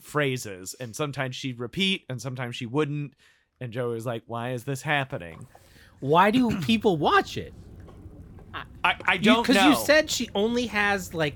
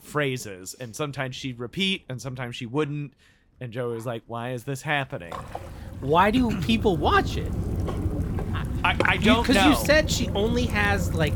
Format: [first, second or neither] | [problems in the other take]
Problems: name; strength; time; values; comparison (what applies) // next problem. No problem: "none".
first | rain or running water; loud; throughout; 5 dB below the speech; faint in the first